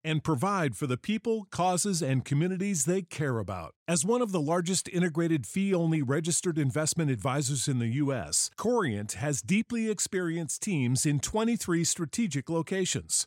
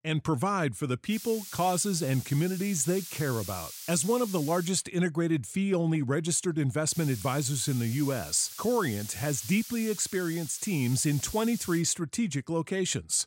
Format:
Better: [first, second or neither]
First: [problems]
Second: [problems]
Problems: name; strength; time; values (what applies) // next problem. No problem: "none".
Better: first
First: none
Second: hiss; noticeable; from 1 to 4.5 s and from 7 to 12 s; 10 dB below the speech